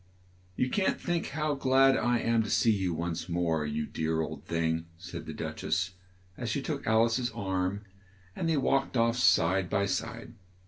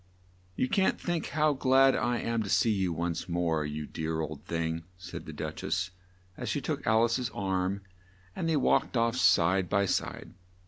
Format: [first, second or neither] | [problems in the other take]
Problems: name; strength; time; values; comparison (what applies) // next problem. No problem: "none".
second | room echo; dies away in 0.2 s